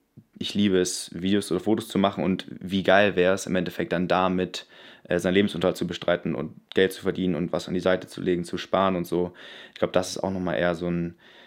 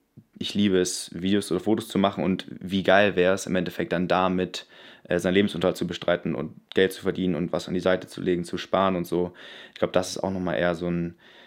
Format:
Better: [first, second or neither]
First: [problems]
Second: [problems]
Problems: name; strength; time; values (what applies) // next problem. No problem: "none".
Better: neither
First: none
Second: none